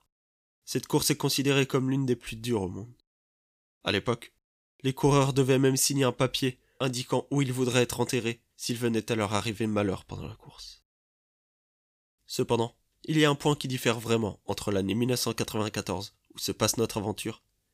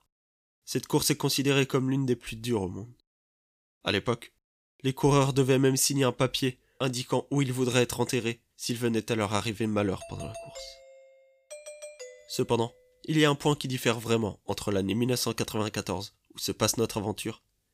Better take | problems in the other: first | doorbell; faint; from 10 to 13 s; peak 15 dB below the speech

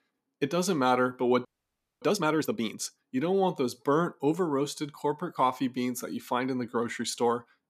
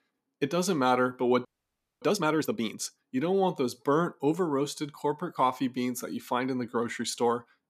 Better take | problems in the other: neither | audio freezing; at 1.5 s for 0.5 s; the same in both

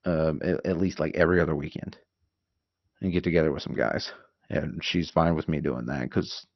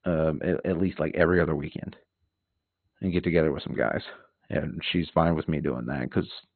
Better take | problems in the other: first | garbled, watery; badly; nothing above 4 kHz; slightly in the first

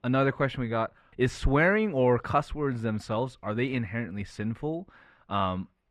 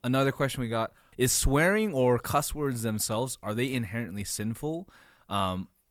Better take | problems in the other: second | muffled; very; fading above 2.5 kHz

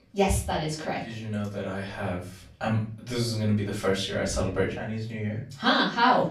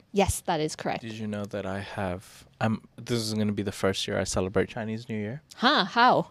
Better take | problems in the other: second | off-mic speech; far // room echo; slight; dies away in 0.4 s

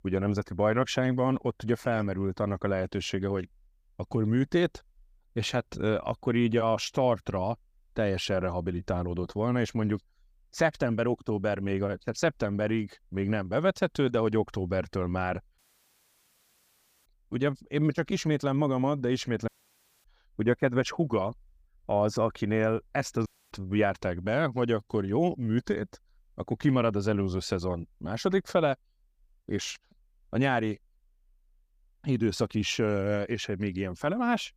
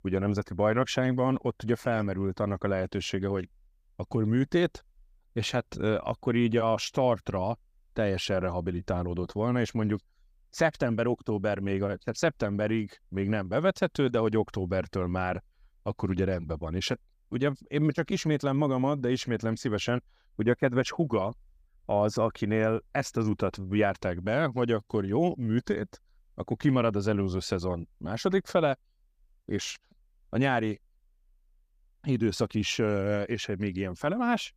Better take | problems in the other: second | audio cutting out; at 16 s for 1.5 s, at 19 s for 0.5 s and at 23 s

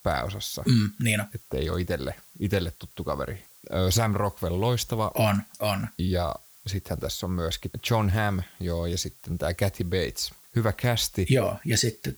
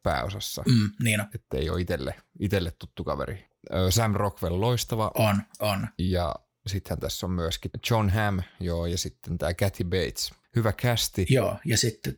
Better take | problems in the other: second | hiss; faint; throughout; 25 dB below the speech

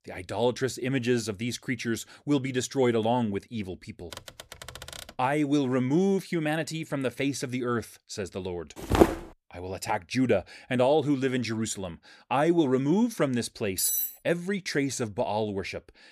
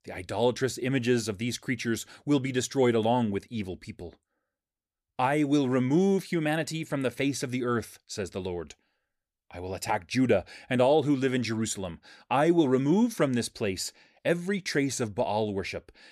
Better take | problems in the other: second | keyboard typing; faint; from 4 to 5 s; peak 10 dB below the speech // footsteps; loud; at 9 s; peak 5 dB above the speech // clattering dishes; loud; at 14 s; peak 3 dB above the speech

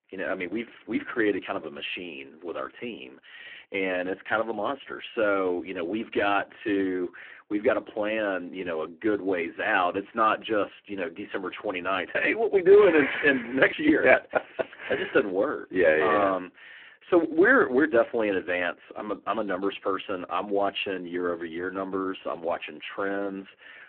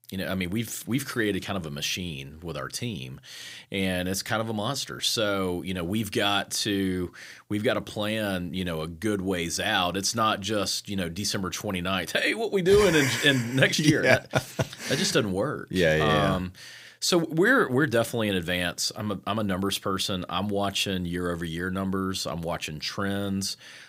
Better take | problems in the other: second | phone-call audio; poor line

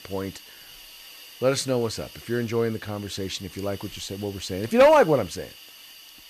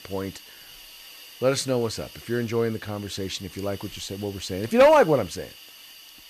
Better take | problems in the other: neither | hiss; noticeable; throughout; 20 dB below the speech; the same in both

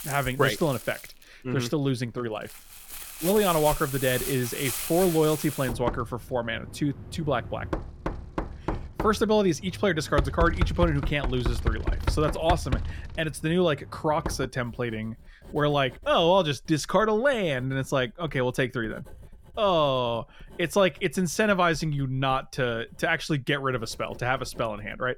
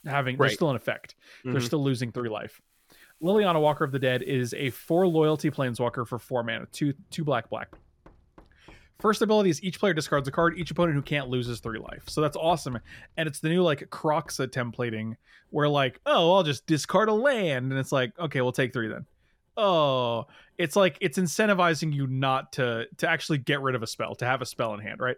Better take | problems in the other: second | household noises; loud; throughout; 7 dB below the speech; faint in the second

